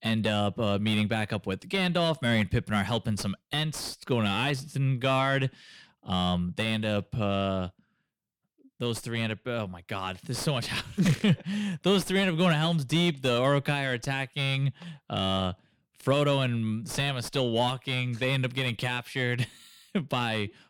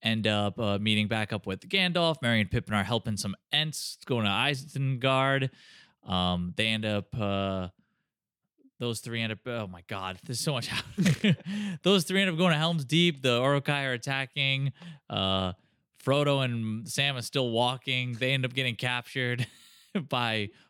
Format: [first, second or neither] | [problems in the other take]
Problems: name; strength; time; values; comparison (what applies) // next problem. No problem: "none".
second | distortion; slight; 10 dB below the speech